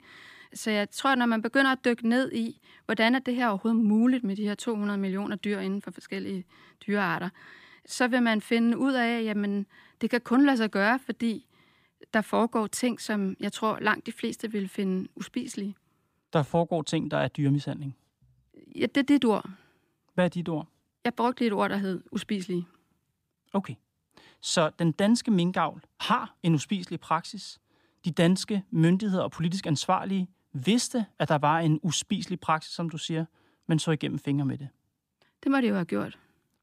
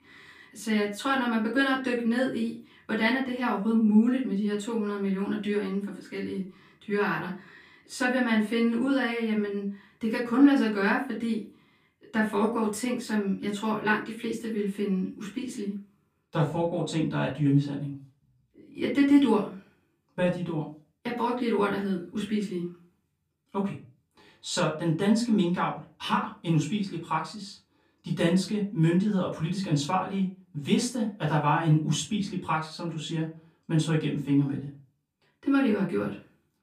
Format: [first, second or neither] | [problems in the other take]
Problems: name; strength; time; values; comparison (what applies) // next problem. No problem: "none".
first | off-mic speech; far // room echo; slight; dies away in 0.3 s